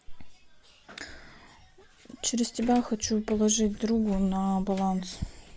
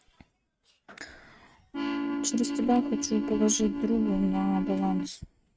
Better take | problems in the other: first | noise reduction (neural mask model RNNoise)

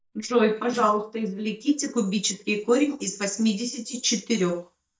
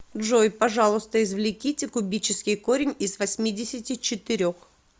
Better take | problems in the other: second | noise reduction (neural mask model DeepFilterNet 3)

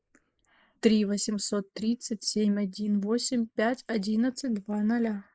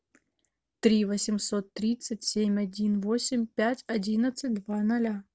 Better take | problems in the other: second | noise reduction (neural mask model Resemble Enhance denoiser)

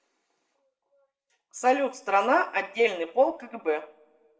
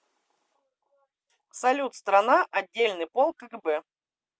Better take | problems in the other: second | room echo; dies away in 0.5 s

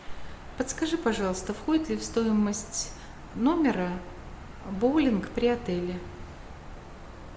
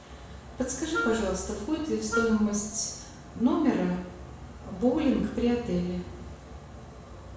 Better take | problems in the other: first | background sound (Wind instrument, woodwind instrument); 7 dB below the speech // room echo; dies away in 0.6 s

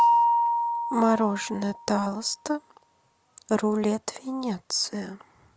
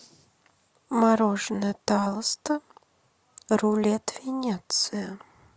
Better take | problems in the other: second | background sound (Mallet percussion); as loud as the speech

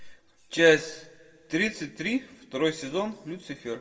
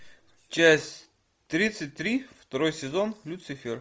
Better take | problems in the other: second | room echo; dies away in 0.8 s

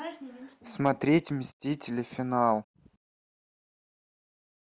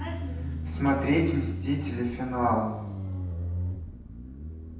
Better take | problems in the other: first | background sound (Motorcycle); 3 dB below the speech // room echo; dies away in 0.9 s

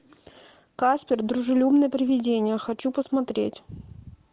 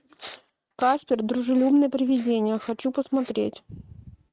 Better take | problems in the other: first | noise reduction (neural mask model RNNoise)

